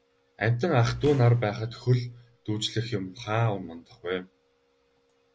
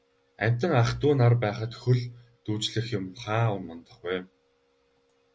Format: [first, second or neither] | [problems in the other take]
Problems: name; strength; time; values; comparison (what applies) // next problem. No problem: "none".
second | background sound (Fireworks); 19 dB below the speech